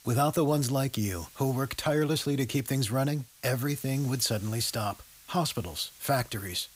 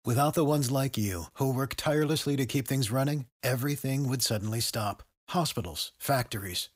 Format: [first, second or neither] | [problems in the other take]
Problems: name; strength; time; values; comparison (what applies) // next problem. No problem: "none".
second | hiss; faint; throughout; 20 dB below the speech